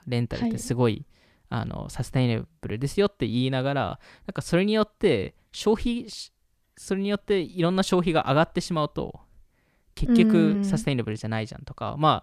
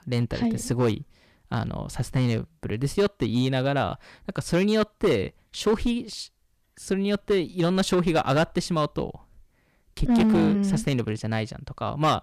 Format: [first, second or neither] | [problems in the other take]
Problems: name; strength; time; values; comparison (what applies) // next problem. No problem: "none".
first | distortion; slight; 5% of the sound clipped